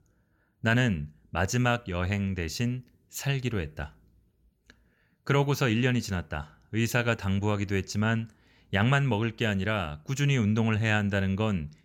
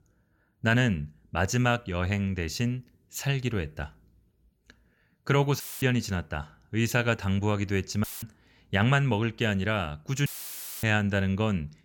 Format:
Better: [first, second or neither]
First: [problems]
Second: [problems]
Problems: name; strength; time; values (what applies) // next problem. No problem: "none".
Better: first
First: none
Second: audio cutting out; filled with static; at 5.5 s, at 8 s and at 10 s for 0.5 s